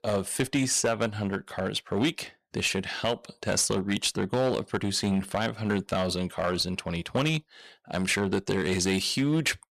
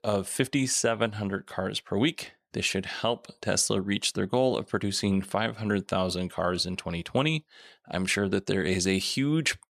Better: second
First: distortion; slight; 5% of the sound clipped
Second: none

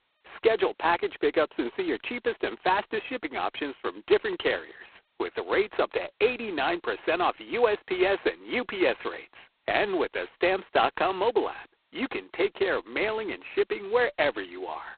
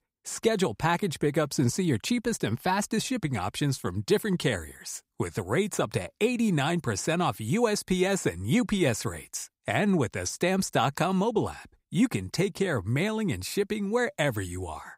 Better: second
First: phone-call audio; poor line; nothing above 4 kHz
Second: none

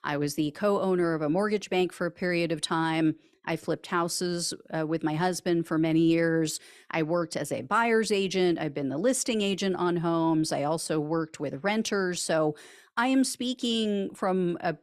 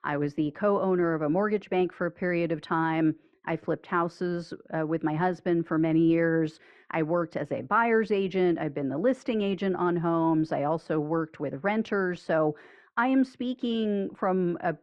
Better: first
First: none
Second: muffled; very; fading above 1.5 kHz

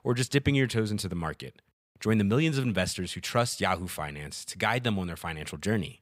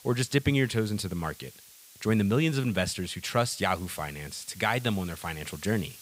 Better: first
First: none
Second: hiss; noticeable; throughout; 20 dB below the speech

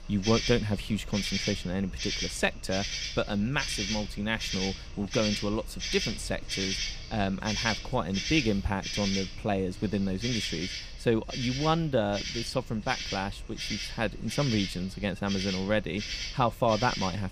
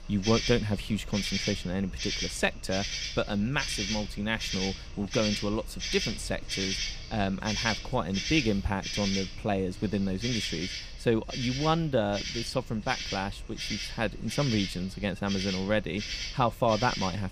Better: neither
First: animal sounds; loud; throughout; 4 dB below the speech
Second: animal sounds; loud; throughout; 4 dB below the speech

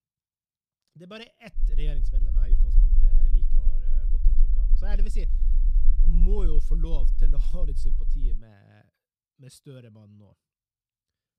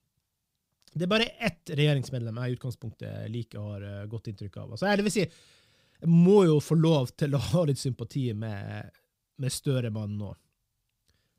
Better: second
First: low rumble; very faint; from 1.5 to 8.5 s; 9 dB below the speech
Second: none

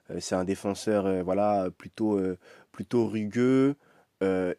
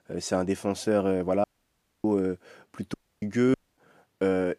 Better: first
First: none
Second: audio cutting out; at 1.5 s for 0.5 s, at 3 s and at 3.5 s

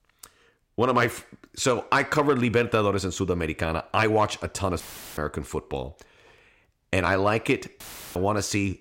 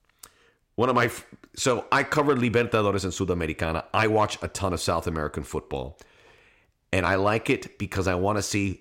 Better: second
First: audio cutting out; filled with static; at 5 s and at 8 s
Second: none

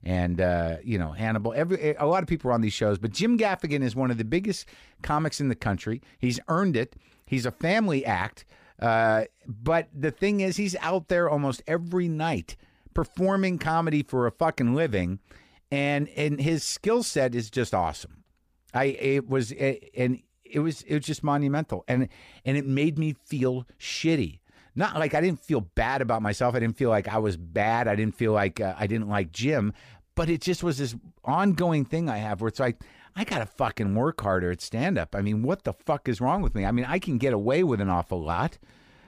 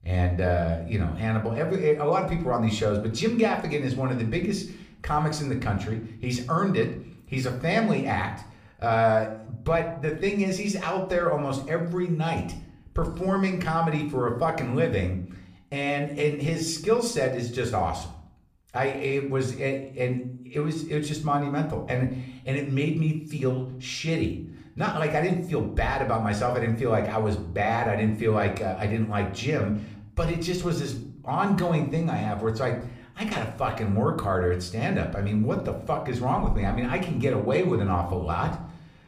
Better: first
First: none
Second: room echo; slight; dies away in 0.5 s

